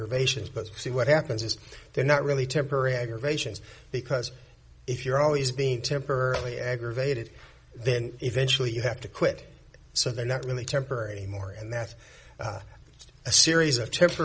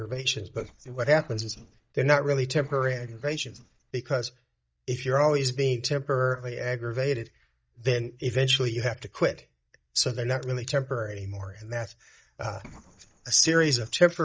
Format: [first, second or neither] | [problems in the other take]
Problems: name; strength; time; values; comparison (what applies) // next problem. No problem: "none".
first | noise reduction (neural mask model DeepFilterNet 3)